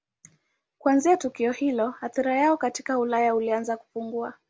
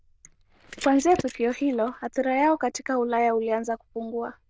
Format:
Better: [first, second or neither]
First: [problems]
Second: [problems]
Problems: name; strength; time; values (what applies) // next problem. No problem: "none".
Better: first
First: none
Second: noise reduction (neural diffusion model UNIVERSE++)